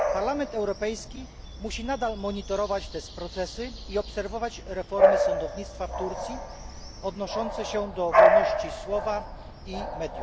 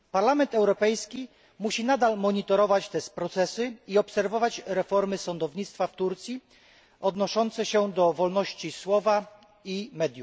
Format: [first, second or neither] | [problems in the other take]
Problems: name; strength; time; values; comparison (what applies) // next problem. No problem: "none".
second | background sound (Bark / Bird vocalization, bird call, bird song); 4 dB above the speech